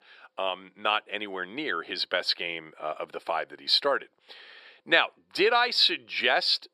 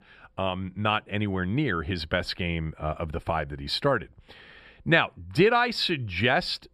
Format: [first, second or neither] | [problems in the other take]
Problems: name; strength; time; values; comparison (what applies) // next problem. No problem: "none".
second | thin; very; fading below 400 Hz